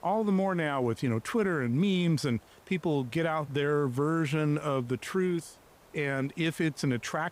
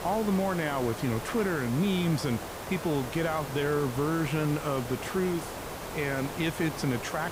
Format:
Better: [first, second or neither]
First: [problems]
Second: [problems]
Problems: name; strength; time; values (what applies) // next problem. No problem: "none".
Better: first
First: hiss; faint; throughout; 30 dB below the speech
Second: hiss; loud; throughout; 8 dB below the speech